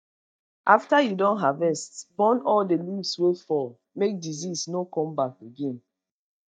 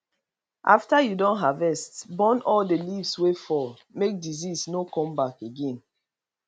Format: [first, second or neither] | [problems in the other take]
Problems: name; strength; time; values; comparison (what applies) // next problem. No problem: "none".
second | noise reduction (neural mask model DeepFilterNet 3)